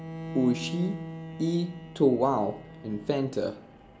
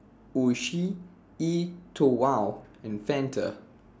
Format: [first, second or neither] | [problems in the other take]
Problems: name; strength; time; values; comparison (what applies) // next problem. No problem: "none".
second | background sound (Bowed string instrument); 12 dB below the speech // room echo; dies away in 0.7 s